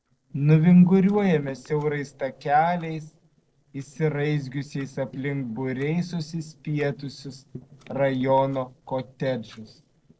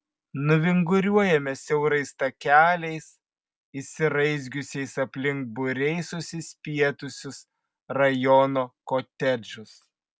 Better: second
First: noise reduction (neural separator model SepFormer DNS4)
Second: none

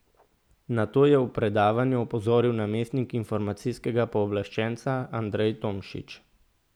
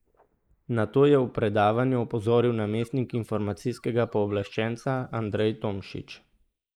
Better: first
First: none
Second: noise reduction (neural mask model Resemble Enhance denoiser)

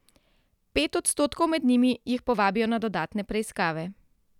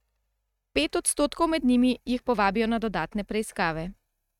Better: first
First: none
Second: noise reduction (neural mask model RNNoise)

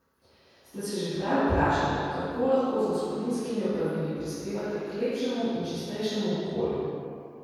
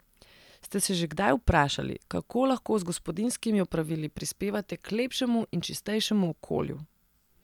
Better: second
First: room echo; dies away in 2.2 s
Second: none

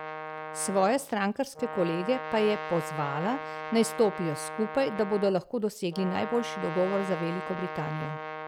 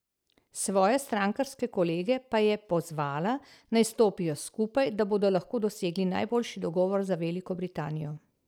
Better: second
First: background sound (Brass instrument); 8 dB below the speech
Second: none

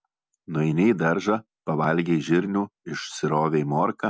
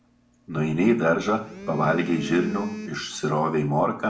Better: first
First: none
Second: background sound (Telephone); 14 dB below the speech // room echo; dies away in 0.5 s

